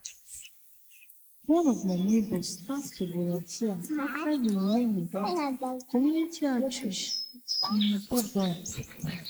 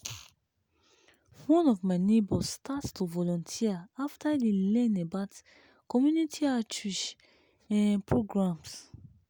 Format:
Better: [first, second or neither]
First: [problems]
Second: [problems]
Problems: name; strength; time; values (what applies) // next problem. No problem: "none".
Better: second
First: noise reduction (neural mask model Resemble Enhance denoiser)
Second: none